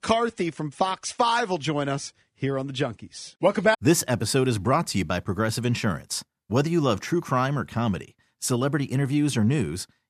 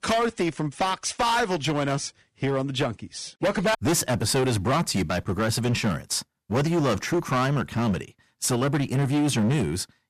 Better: first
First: none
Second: distortion; heavy; 15% of the sound clipped

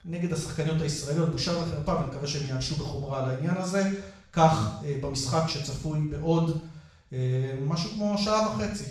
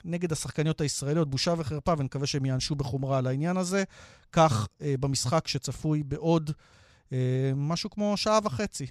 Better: second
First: room echo; noticeable; dies away in 0.6 s // off-mic speech; far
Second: none

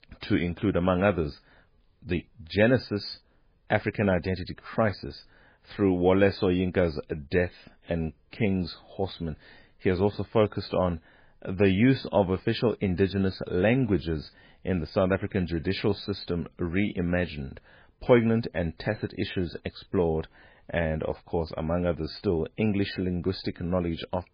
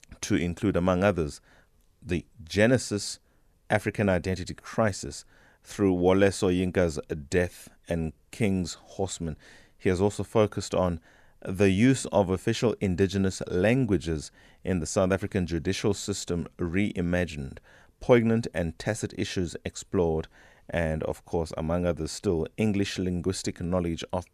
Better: second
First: garbled, watery; badly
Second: none

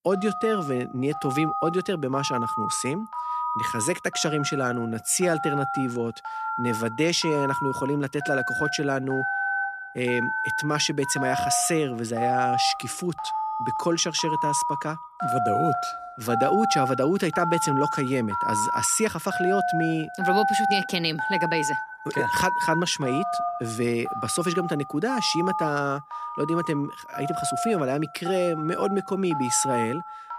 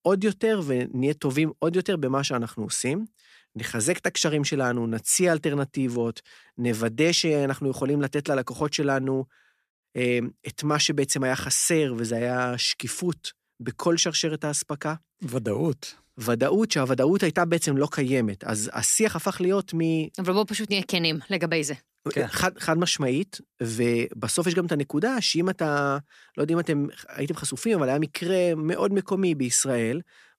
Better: second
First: alarms or sirens; loud; throughout; 2 dB below the speech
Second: none

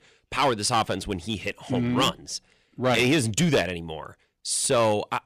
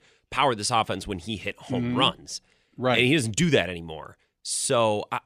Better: second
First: distortion; slight; 5% of the sound clipped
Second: none

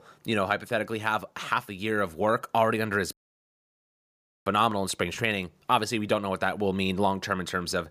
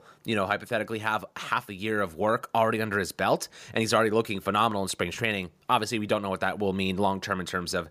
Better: second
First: audio cutting out; at 3 s for 1.5 s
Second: none

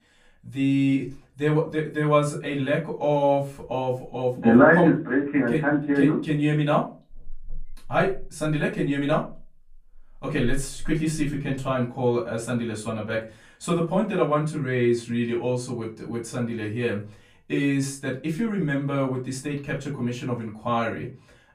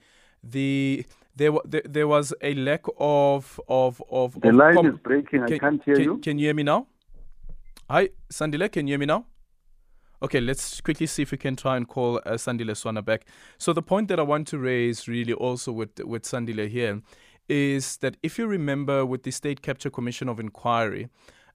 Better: second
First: off-mic speech; far // room echo; very slight; dies away in 0.3 s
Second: none

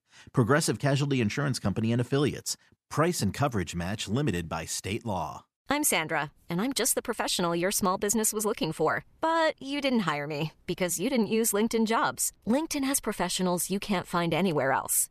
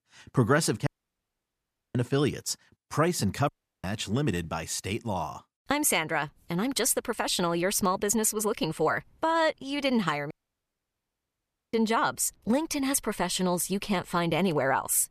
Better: first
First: none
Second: audio cutting out; at 1 s for 1 s, at 3.5 s and at 10 s for 1.5 s

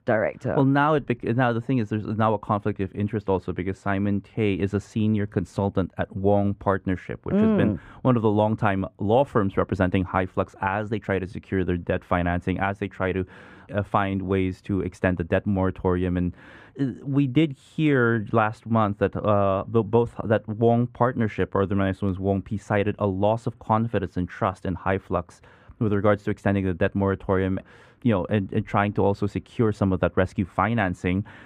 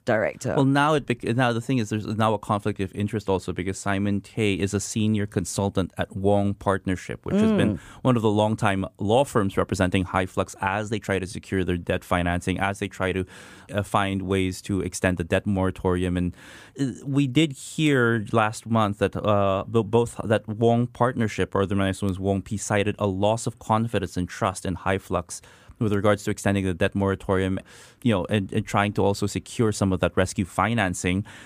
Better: second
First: muffled; very; fading above 4 kHz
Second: none

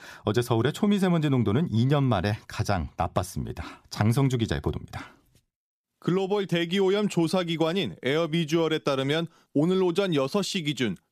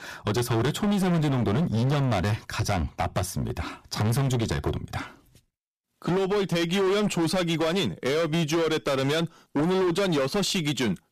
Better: first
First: none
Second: distortion; heavy; 24% of the sound clipped

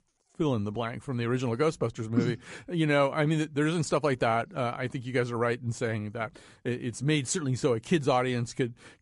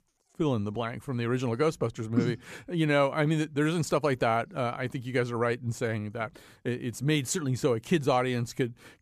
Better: second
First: garbled, watery; slightly; nothing above 10.5 kHz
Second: none

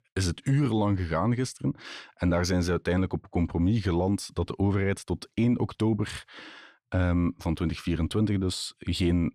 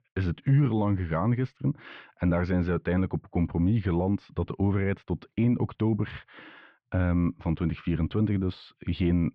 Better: first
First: none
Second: muffled; very; fading above 3 kHz

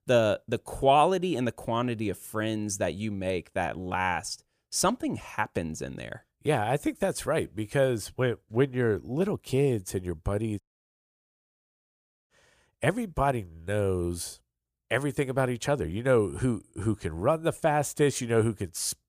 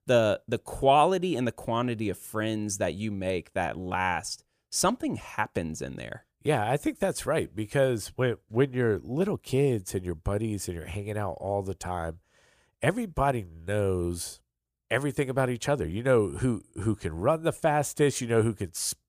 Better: second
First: audio cutting out; at 11 s for 1.5 s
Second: none

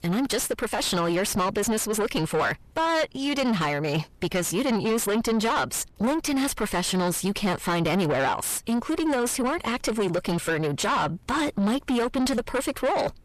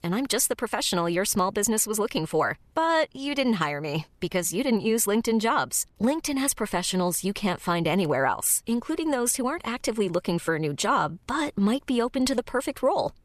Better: second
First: distortion; heavy; 7 dB below the speech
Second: none

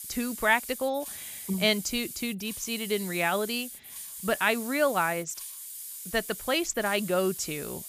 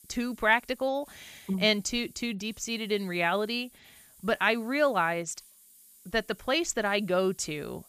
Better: second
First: hiss; loud; throughout; 9 dB below the speech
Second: hiss; faint; throughout; 25 dB below the speech

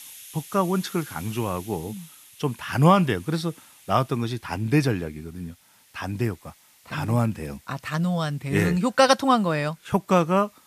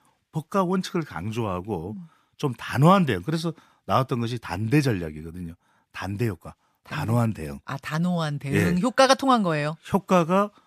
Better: second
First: hiss; faint; throughout; 25 dB below the speech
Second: none

